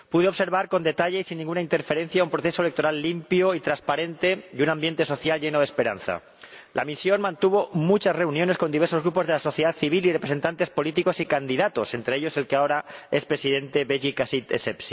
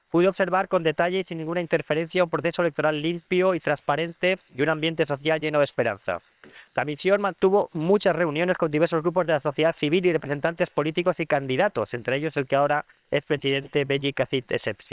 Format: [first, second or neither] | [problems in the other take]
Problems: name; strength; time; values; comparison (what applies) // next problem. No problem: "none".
first | noise reduction (neural separator model SepFormer WHAM!)